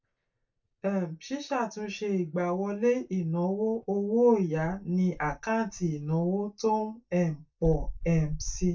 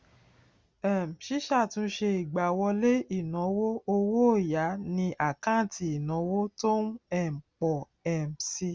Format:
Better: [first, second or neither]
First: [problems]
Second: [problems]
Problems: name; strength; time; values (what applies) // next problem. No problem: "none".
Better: second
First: noise reduction (neural mask model DeepFilterNet 3)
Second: none